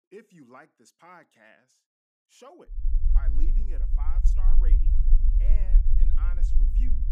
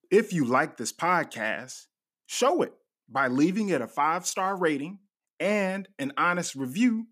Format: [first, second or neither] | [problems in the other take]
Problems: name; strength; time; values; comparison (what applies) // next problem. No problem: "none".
second | low rumble; loud; from 3 s on; 1 dB below the speech